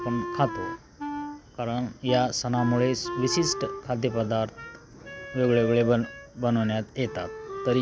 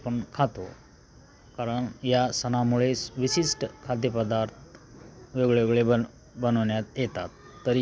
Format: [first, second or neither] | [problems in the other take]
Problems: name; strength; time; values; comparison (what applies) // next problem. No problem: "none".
second | background sound (Wind instrument, woodwind instrument); 10 dB below the speech